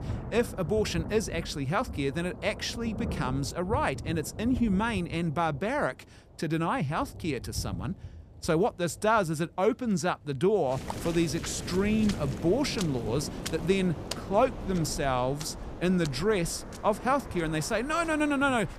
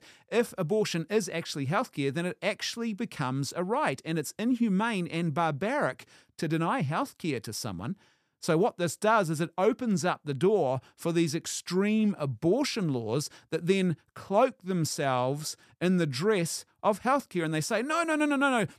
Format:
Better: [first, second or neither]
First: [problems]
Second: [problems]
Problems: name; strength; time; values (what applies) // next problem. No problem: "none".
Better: second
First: rain or running water; noticeable; throughout; 10 dB below the speech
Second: none